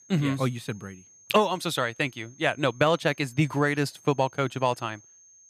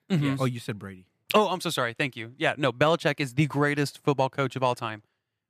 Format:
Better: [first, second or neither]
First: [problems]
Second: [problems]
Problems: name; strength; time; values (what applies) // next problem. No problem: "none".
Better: second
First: high-pitched whine; faint; throughout; 6.5 kHz, 25 dB below the speech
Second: none